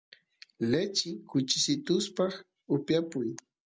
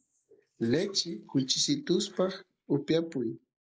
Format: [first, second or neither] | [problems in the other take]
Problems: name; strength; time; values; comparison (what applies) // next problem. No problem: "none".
first | noise reduction (neural mask model Resemble Enhance denoiser)